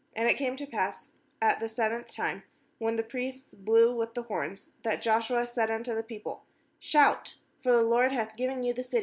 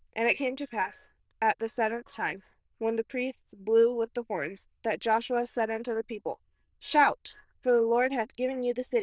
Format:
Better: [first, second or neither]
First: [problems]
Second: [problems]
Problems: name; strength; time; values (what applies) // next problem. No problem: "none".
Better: first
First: none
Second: noise reduction (neural diffusion model UNIVERSE++)